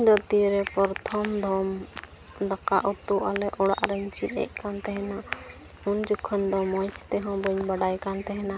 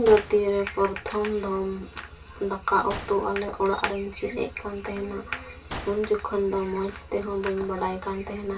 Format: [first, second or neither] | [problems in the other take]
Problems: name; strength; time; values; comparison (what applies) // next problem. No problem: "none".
first | background sound (Gunshot, gunfire); 18 dB below the speech // room echo; dies away in 0.2 s